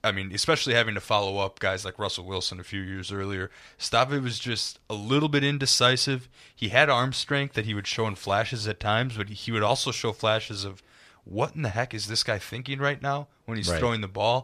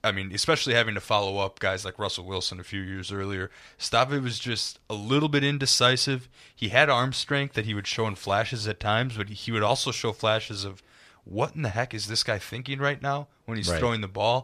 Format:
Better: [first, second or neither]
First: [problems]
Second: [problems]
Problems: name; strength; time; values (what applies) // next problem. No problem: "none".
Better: neither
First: none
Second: none